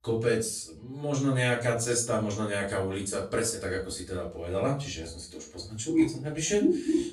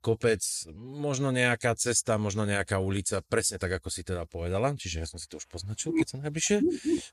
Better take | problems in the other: second | off-mic speech; far // room echo; slight; dies away in 0.3 s

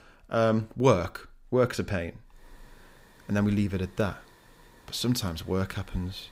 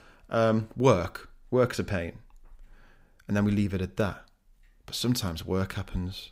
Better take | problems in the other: second | hiss; faint; from 2.5 s on; 30 dB below the speech

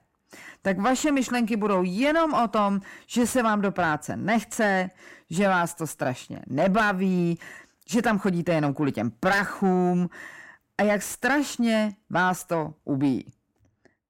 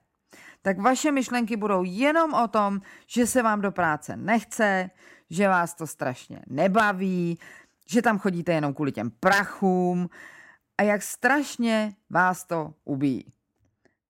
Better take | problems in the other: second | distortion; slight; 10 dB below the speech

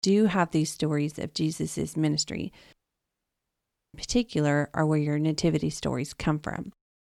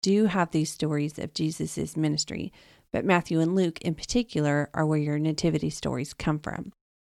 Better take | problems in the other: second | audio cutting out; at 2.5 s for 1 s

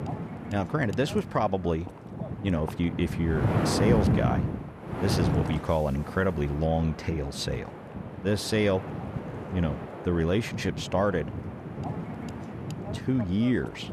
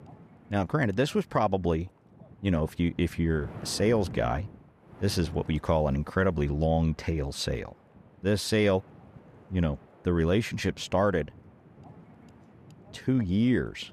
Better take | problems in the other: second | wind noise on the microphone; heavy; 7 dB below the speech; occasional gusts in the second

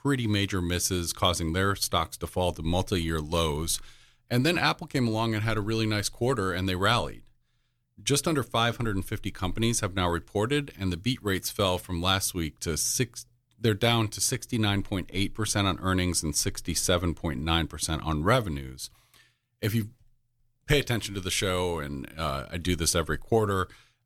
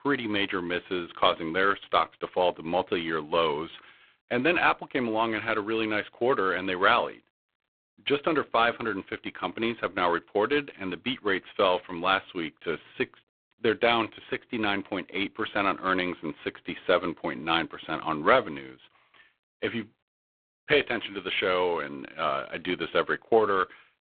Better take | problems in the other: first | phone-call audio; poor line

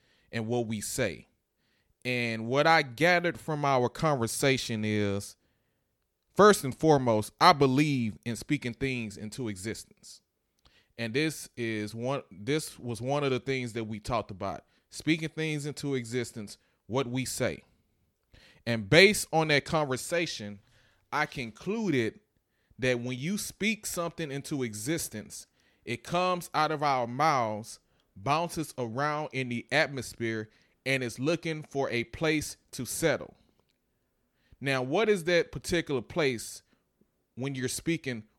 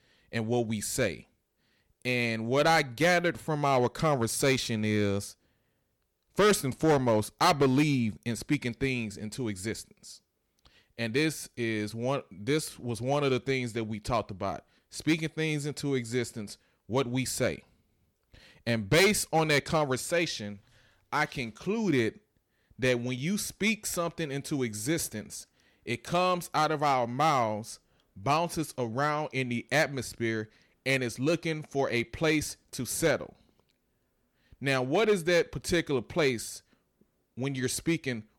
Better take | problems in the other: first | distortion; slight; 2% of the sound clipped

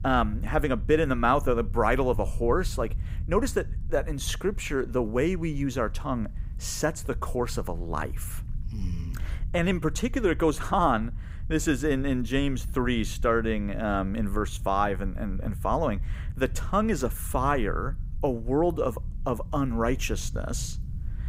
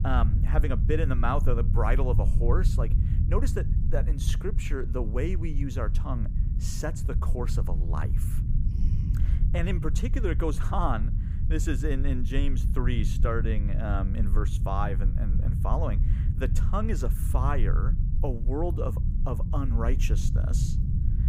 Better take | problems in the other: first | low rumble; loud; throughout; 9 dB below the speech; faint in the first

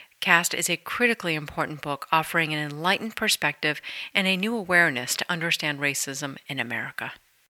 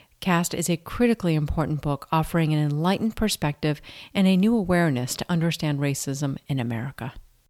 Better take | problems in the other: second | thin; somewhat; fading below 800 Hz

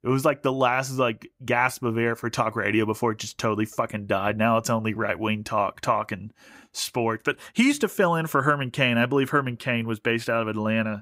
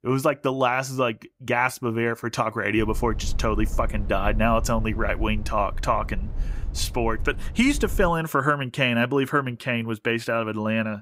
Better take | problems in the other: first | low rumble; faint; from 3 to 8 s; 25 dB below the speech

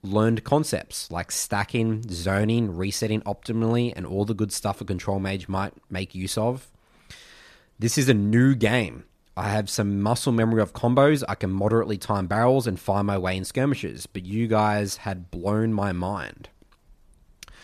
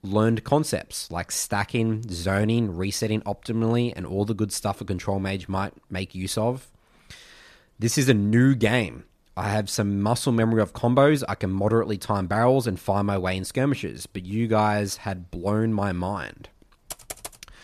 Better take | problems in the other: first | keyboard typing; faint; at 17 s; peak 10 dB below the speech

